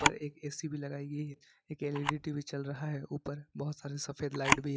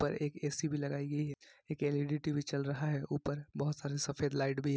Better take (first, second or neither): second